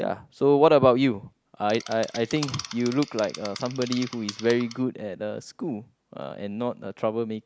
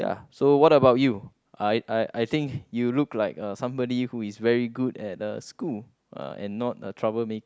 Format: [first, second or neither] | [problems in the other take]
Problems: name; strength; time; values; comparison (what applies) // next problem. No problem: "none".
second | background sound (Insect); 14 dB below the speech